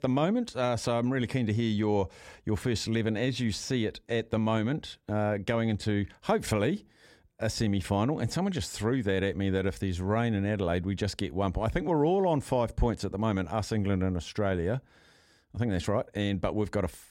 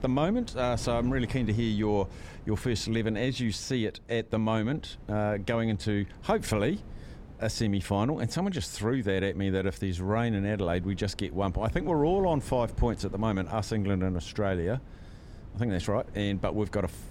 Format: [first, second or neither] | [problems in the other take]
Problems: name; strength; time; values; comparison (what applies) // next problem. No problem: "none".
first | wind noise on the microphone; occasional gusts; 20 dB below the speech